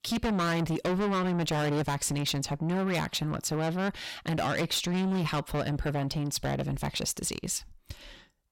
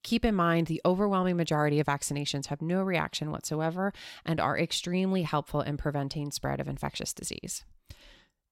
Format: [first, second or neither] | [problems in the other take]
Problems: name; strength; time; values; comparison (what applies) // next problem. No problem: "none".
second | distortion; heavy; 5 dB below the speech